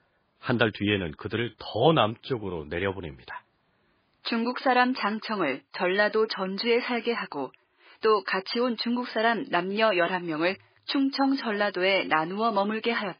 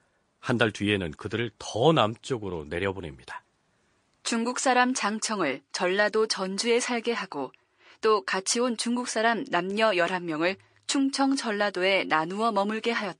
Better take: second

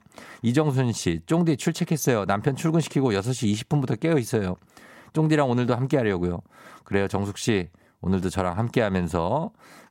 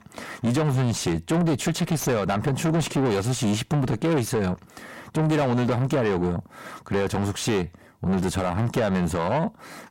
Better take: first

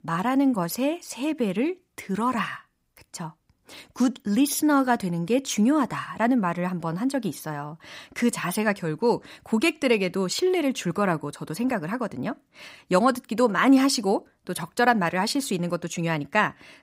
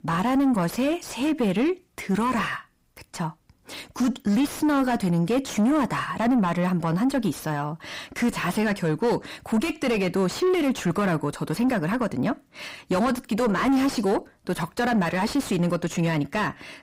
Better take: first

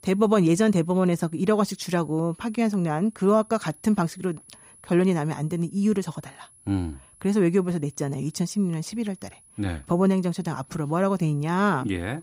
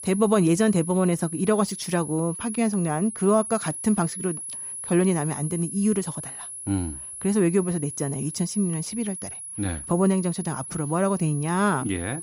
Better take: first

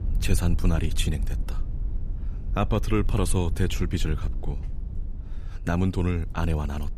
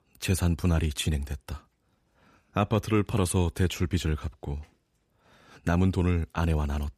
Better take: second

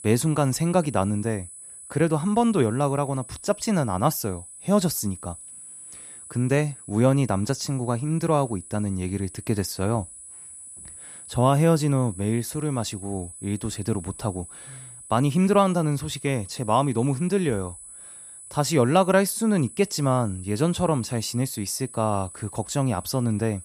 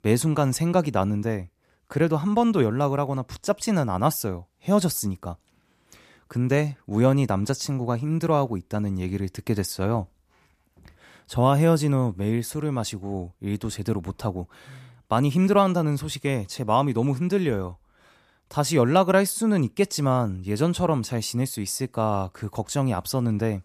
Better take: second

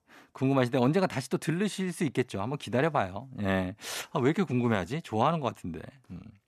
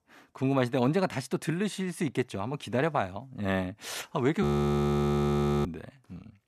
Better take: first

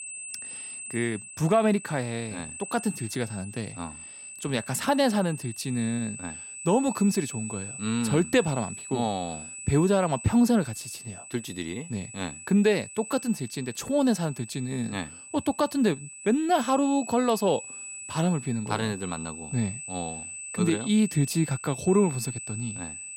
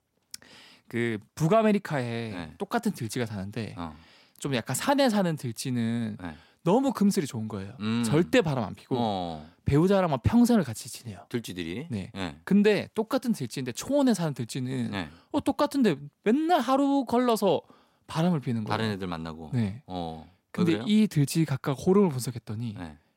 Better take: second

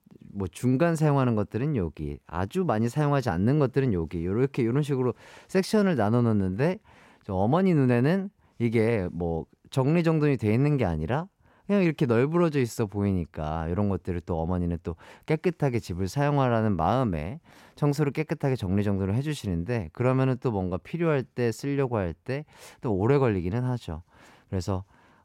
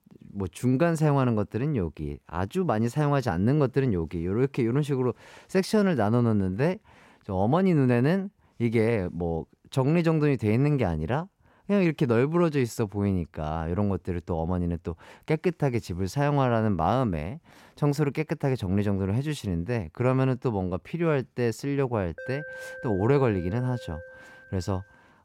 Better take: first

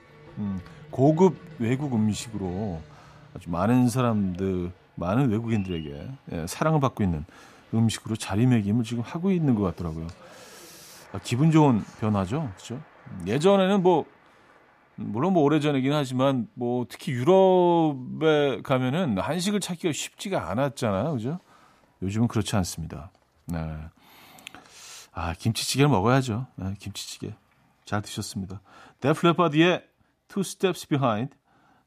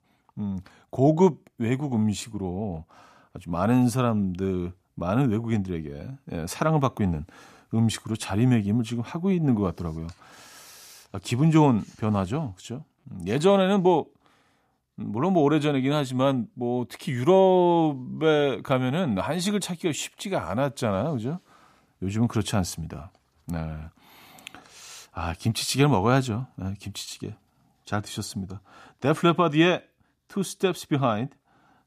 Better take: second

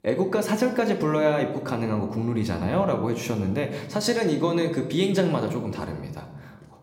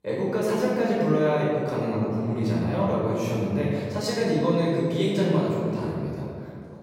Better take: first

